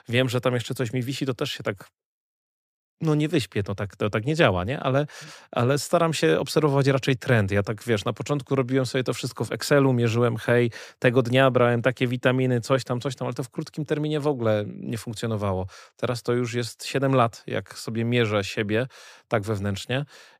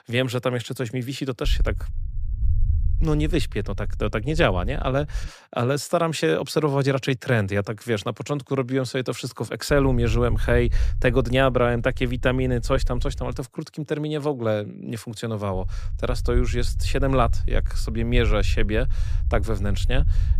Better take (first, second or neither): first